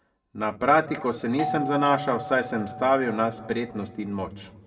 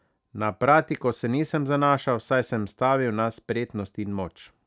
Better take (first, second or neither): second